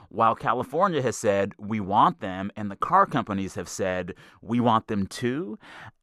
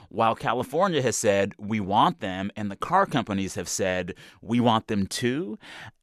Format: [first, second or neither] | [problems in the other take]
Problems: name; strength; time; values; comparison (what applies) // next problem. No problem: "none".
second | muffled; very slightly; fading above 2 kHz